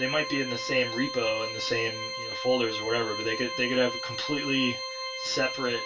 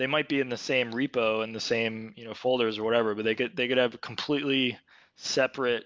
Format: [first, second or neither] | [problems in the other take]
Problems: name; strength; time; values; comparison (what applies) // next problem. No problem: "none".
second | background sound (Organ); 6 dB below the speech // room echo; dies away in 0.2 s